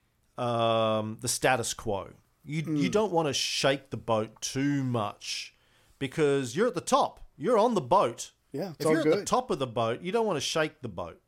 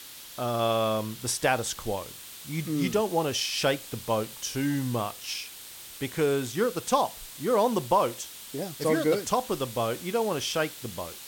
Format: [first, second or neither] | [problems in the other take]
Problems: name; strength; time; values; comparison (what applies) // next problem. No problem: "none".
first | hiss; noticeable; throughout; 15 dB below the speech